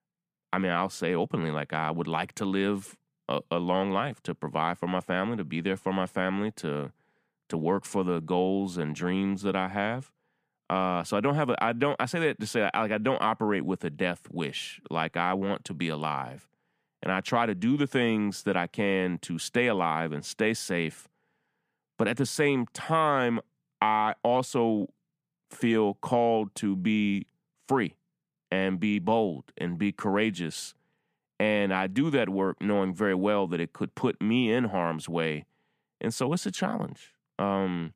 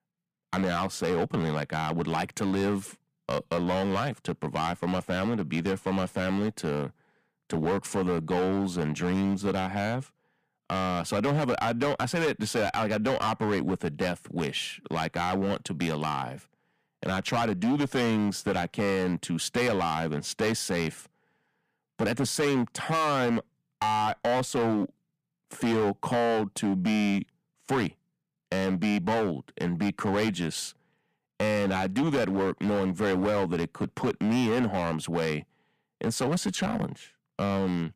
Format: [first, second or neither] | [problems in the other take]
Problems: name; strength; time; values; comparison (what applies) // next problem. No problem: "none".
first | distortion; heavy; 12% of the sound clipped